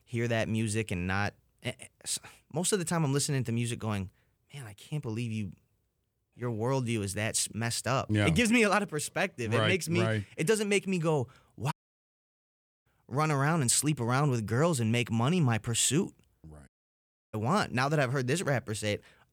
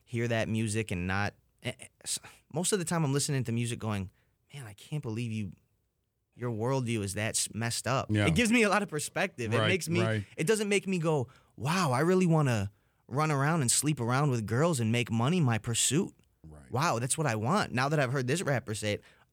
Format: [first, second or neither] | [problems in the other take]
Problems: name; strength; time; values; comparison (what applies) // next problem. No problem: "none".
second | audio cutting out; at 12 s for 1 s and at 17 s for 0.5 s